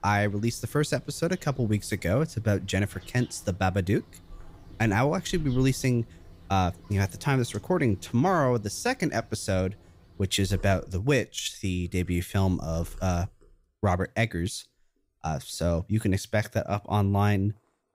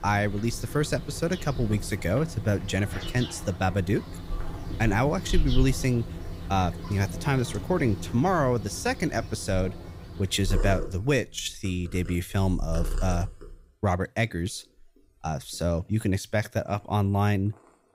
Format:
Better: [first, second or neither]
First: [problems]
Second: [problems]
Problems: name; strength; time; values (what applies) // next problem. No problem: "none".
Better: first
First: animal sounds; faint; throughout; 25 dB below the speech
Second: animal sounds; loud; throughout; 9 dB below the speech